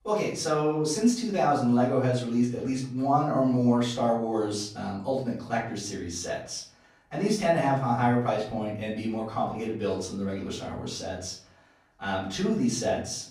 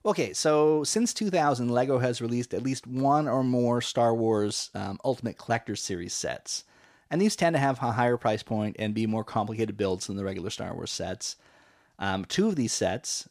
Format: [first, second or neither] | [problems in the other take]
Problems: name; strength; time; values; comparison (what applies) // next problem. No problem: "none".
second | off-mic speech; far // room echo; noticeable; dies away in 0.5 s